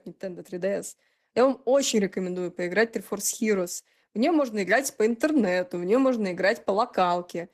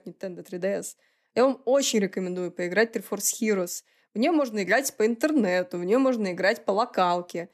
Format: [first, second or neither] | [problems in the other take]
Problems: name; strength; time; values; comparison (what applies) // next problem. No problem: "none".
second | garbled, watery; slightly; nothing above 14 kHz